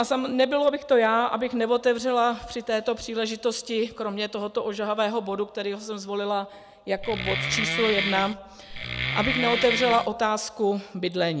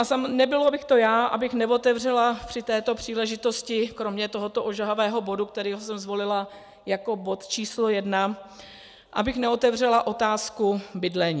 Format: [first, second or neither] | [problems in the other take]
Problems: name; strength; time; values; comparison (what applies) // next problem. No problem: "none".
second | background sound (Wood); 3 dB below the speech